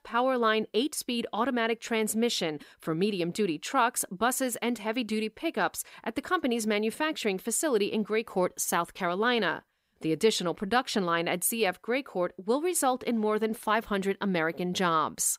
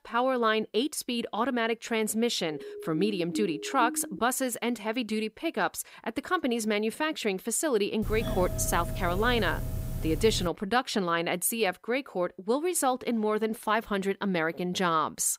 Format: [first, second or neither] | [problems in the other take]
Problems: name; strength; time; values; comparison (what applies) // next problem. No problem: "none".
first | siren; noticeable; from 2.5 to 4 s; peak 8 dB below the speech // doorbell; noticeable; from 8 to 10 s; peak 5 dB below the speech